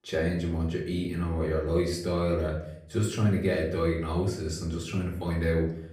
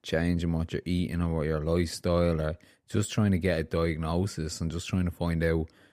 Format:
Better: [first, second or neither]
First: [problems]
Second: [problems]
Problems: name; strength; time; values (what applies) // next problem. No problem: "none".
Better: second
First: off-mic speech; far // room echo; slight; dies away in 0.5 s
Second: none